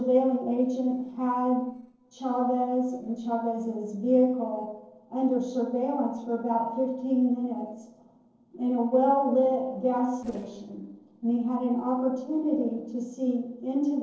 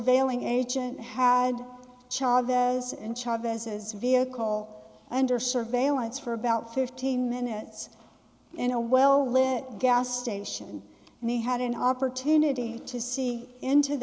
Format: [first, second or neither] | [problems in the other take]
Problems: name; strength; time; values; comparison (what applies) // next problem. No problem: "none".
second | noise reduction (neural separator model SepFormer DNS4)